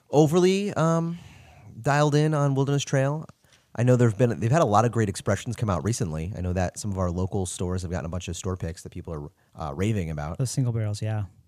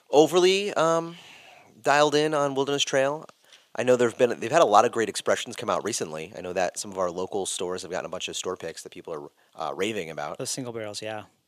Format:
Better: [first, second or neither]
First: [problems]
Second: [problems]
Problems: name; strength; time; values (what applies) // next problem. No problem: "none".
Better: first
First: none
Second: thin; somewhat; fading below 450 Hz